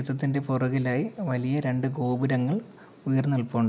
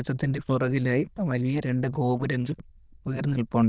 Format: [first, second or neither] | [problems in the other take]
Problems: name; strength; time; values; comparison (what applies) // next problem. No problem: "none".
first | noise reduction (neural diffusion model UNIVERSE++)